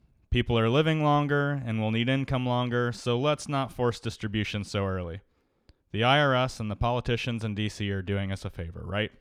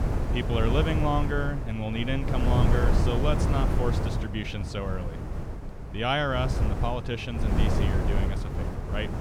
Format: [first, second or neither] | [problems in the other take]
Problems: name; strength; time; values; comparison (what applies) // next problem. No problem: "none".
first | wind noise on the microphone; heavy; 4 dB below the speech